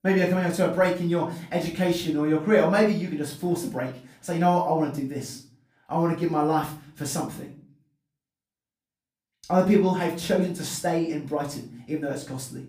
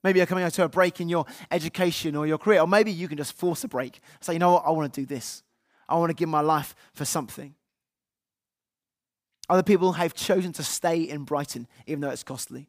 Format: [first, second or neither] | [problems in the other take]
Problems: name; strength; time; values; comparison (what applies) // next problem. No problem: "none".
second | off-mic speech; far // room echo; slight; dies away in 0.4 s